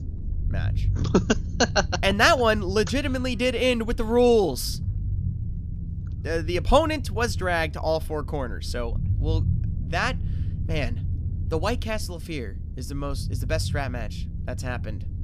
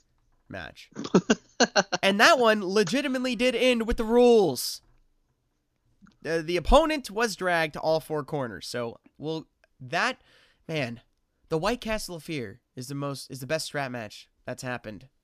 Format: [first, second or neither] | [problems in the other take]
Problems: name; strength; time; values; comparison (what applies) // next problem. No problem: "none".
second | low rumble; faint; throughout; 20 dB below the speech